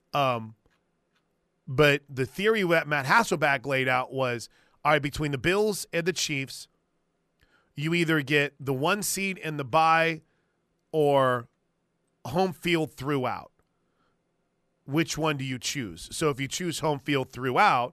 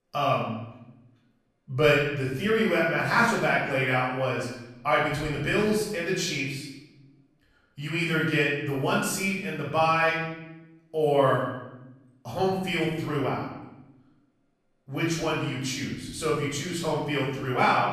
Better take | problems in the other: first | off-mic speech; far // room echo; noticeable; dies away in 0.9 s

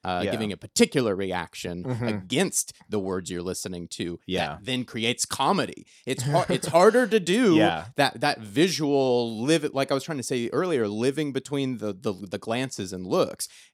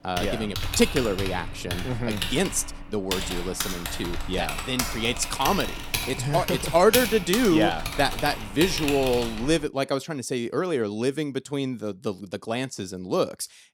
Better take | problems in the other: first | keyboard typing; loud; until 9.5 s; peak 1 dB above the speech

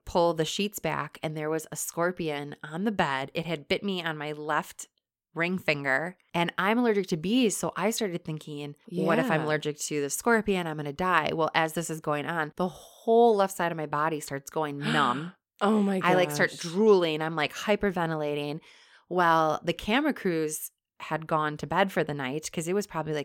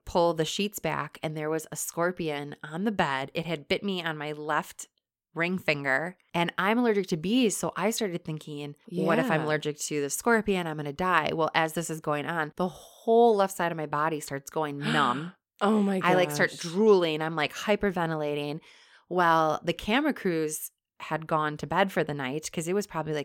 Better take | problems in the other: neither | none

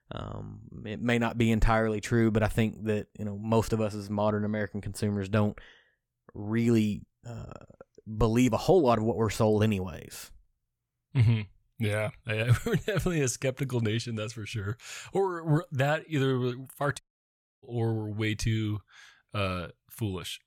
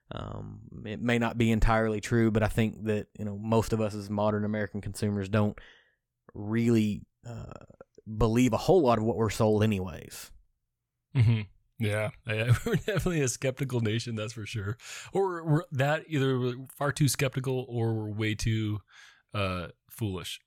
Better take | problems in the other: second | audio cutting out; at 17 s for 0.5 s

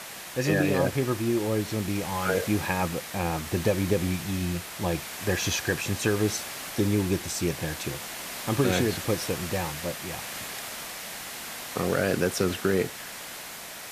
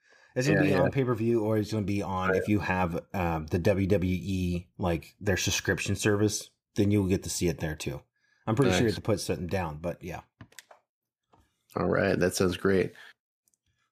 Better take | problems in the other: second | hiss; loud; throughout; 8 dB below the speech

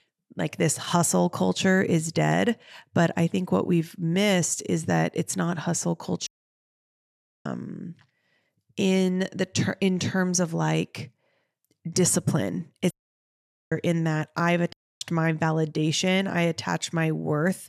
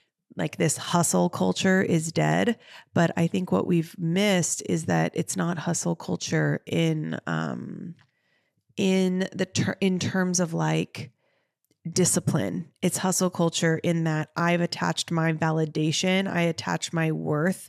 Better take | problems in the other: second | audio cutting out; at 6.5 s for 1 s, at 13 s for 1 s and at 15 s

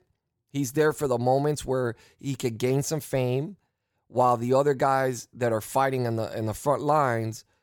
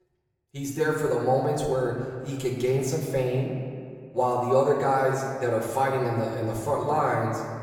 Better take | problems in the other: first | off-mic speech; far // room echo; noticeable; dies away in 1.8 s

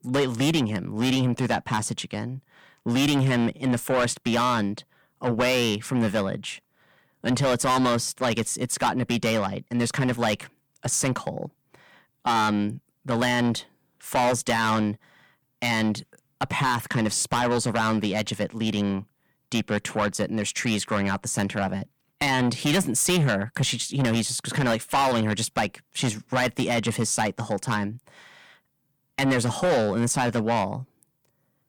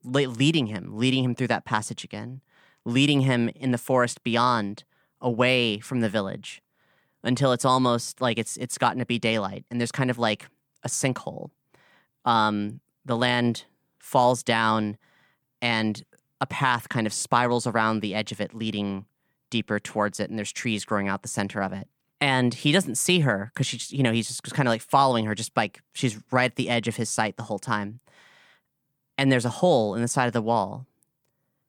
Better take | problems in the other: second | distortion; heavy; 6 dB below the speech

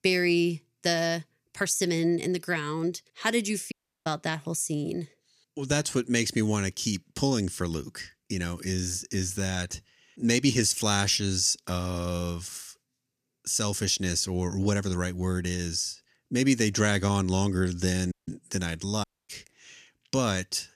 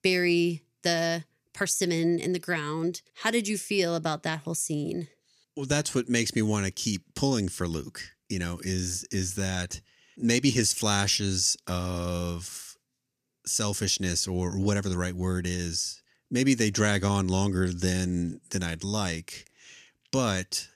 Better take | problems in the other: second | audio cutting out; at 3.5 s, at 18 s and at 19 s

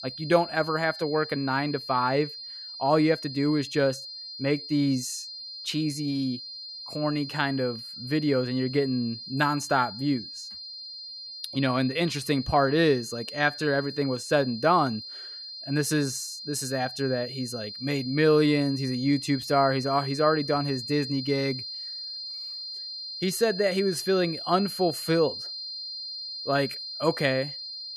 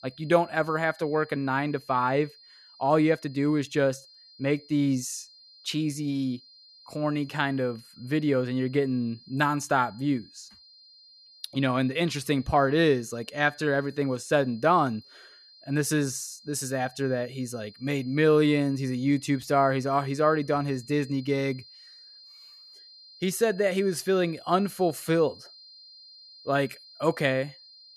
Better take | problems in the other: second | high-pitched whine; loud; throughout; 4 kHz, 9 dB below the speech; faint in the second

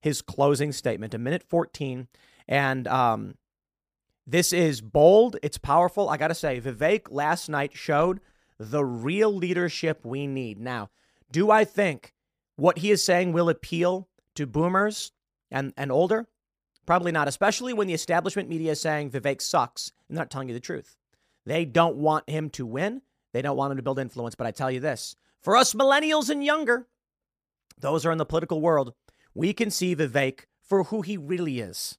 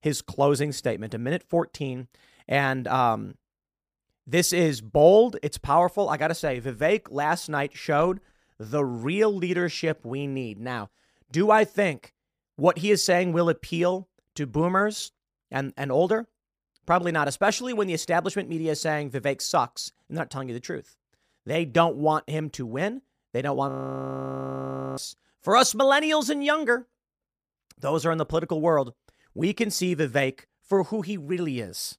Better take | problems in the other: first | audio freezing; at 24 s for 1.5 s

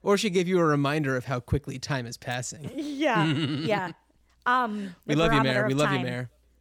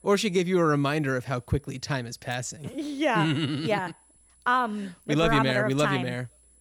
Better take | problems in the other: first | high-pitched whine; faint; throughout; 10 kHz, 30 dB below the speech

